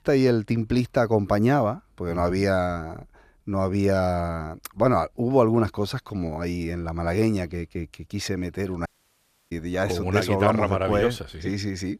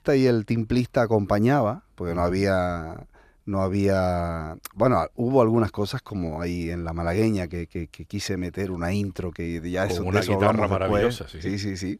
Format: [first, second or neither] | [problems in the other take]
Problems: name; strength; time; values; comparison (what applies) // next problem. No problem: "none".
second | audio cutting out; at 9 s for 0.5 s